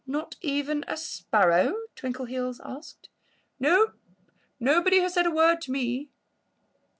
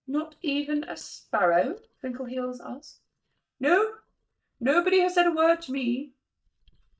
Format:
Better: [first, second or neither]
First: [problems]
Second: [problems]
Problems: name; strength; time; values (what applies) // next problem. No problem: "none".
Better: first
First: none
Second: noise reduction (neural mask model DeepFilterNet 3)